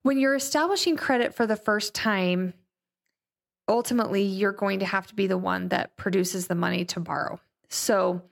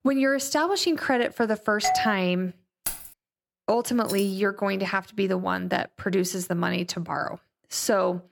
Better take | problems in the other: first | doorbell; noticeable; at 2 s; peak level with the speech // jangling keys; noticeable; at 3 s and at 4 s; peak 6 dB below the speech

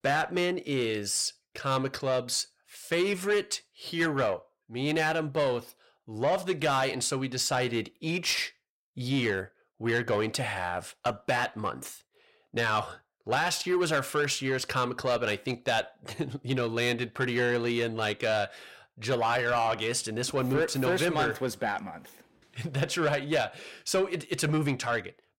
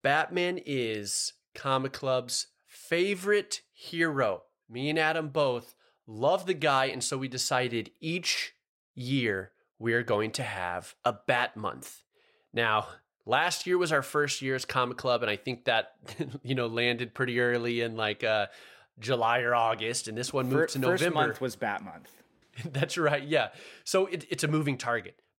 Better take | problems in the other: second | distortion; slight; 10 dB below the speech

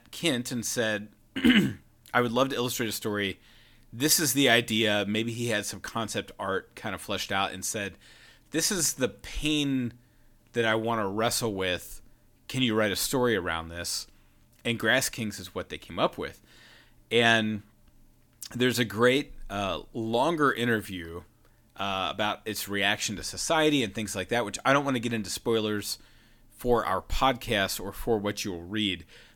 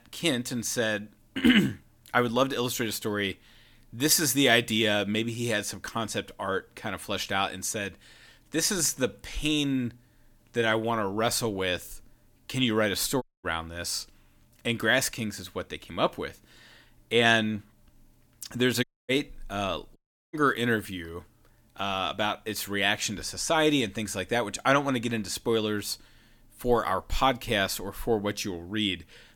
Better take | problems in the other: first | audio cutting out; at 13 s, at 19 s and at 20 s

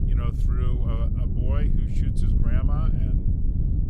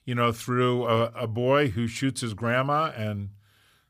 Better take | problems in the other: second | wind noise on the microphone; heavy; 2 dB above the speech

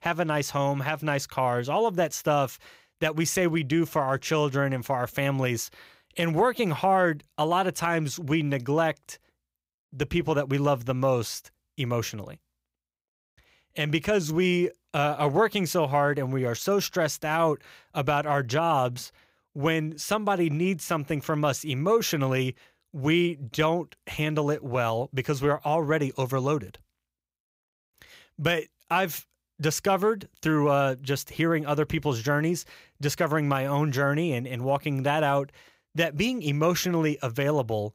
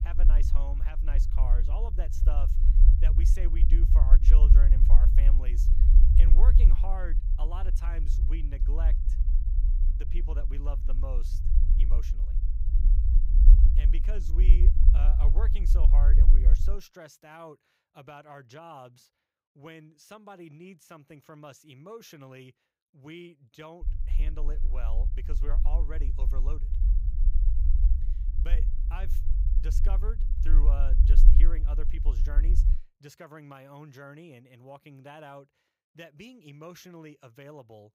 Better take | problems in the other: first | low rumble; loud; until 17 s and from 24 to 33 s; 3 dB below the speech

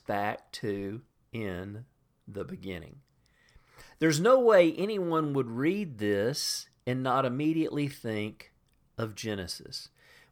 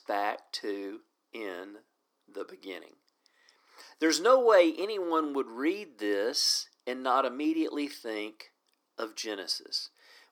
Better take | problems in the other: first | thin; somewhat; fading below 300 Hz

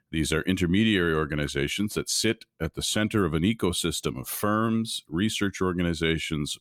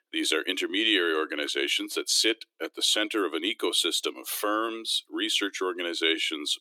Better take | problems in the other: first | thin; very; fading below 300 Hz

